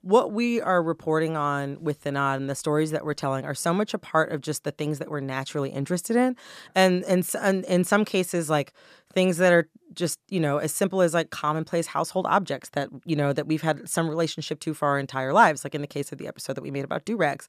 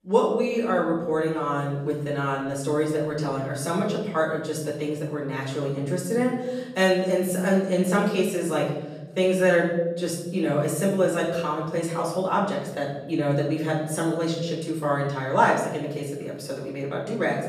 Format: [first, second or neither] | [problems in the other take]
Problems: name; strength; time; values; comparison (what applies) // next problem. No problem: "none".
first | off-mic speech; far // room echo; noticeable; dies away in 1.1 s